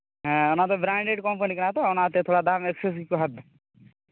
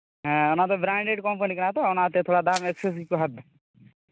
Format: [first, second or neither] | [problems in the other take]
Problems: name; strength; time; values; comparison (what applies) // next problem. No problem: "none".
first | noise reduction (neural mask model RNNoise)